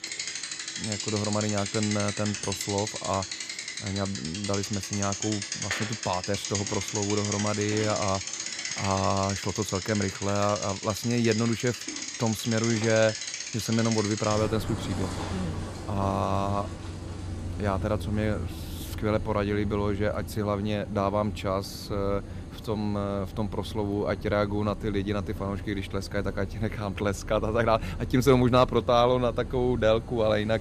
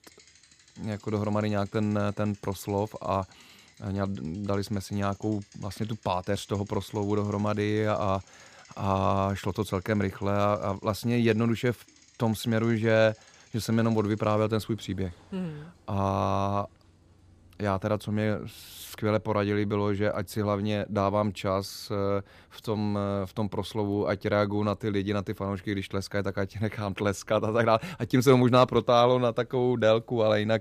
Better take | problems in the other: second | traffic noise; loud; throughout; 6 dB below the speech; faint in the second

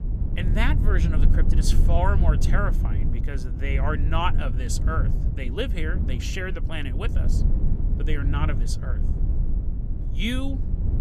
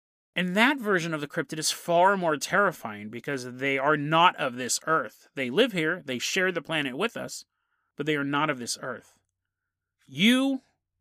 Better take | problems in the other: second | low rumble; loud; throughout; 9 dB below the speech

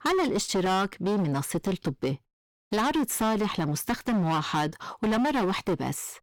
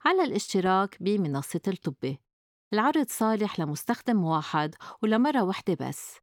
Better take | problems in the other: second | distortion; heavy; 21% of the sound clipped

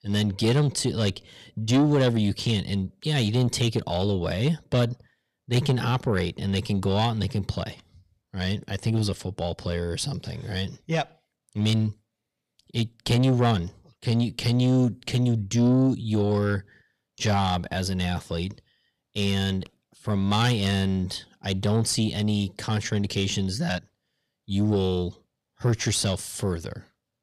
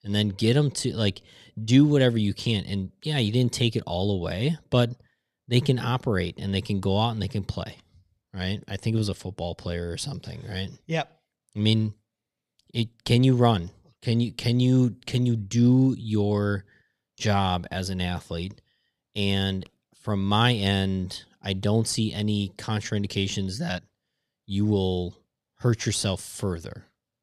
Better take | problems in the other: second | distortion; slight; 10 dB below the speech

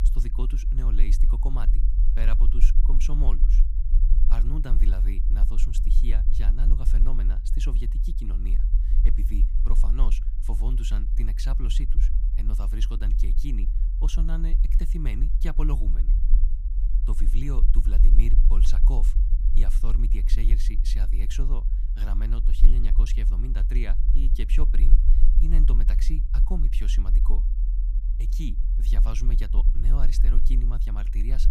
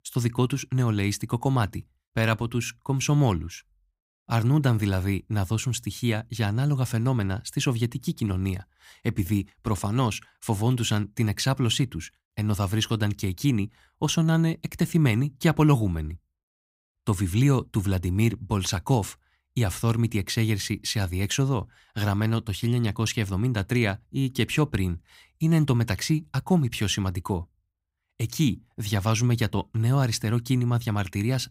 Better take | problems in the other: second | low rumble; loud; throughout; 7 dB below the speech

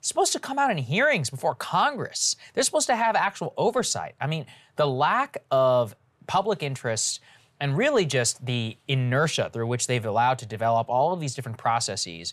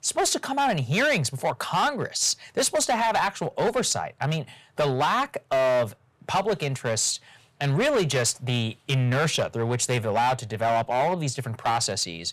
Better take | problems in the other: first | distortion; slight; 11% of the sound clipped

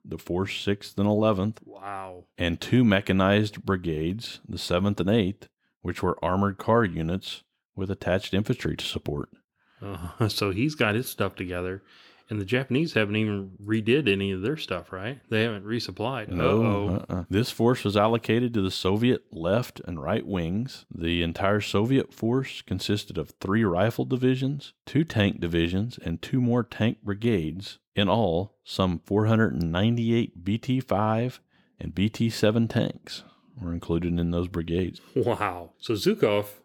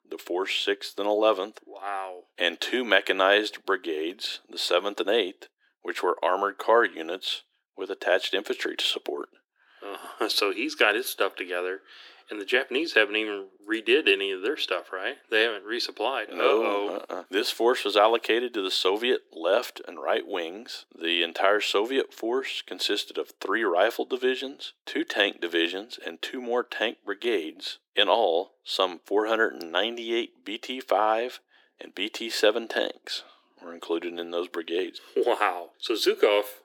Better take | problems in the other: first | thin; very; fading below 350 Hz

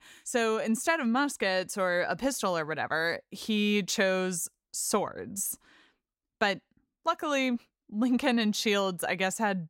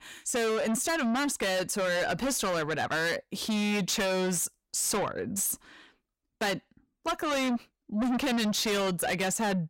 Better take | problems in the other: first | distortion; heavy; 6 dB below the speech

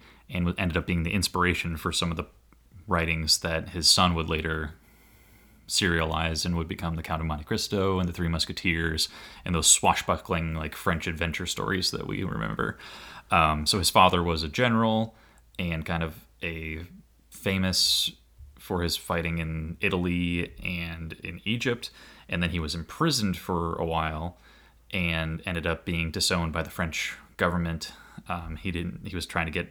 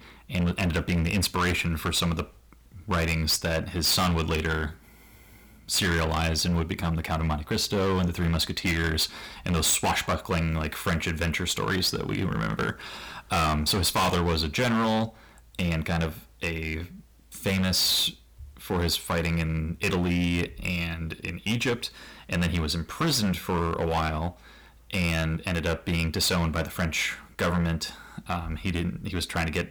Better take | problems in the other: first | distortion; heavy; 12% of the sound clipped

